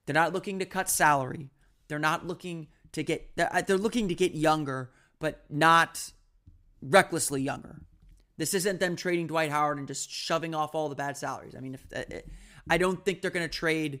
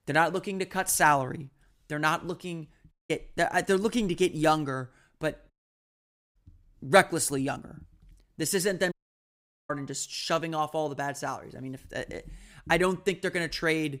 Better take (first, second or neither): first